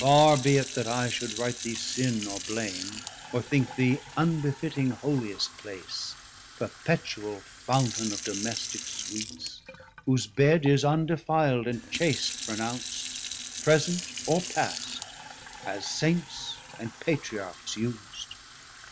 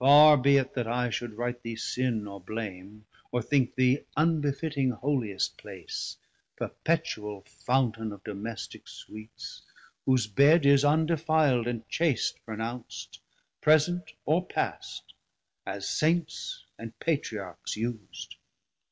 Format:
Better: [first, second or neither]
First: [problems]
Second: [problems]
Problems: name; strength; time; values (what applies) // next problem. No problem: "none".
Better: second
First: background sound (Fill (with liquid) / Sink (filling or washing)); 11 dB below the speech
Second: none